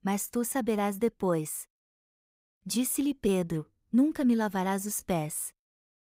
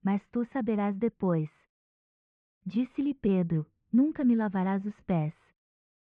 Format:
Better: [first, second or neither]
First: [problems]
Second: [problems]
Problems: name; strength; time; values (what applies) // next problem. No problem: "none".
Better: first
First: none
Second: muffled; very; fading above 2.5 kHz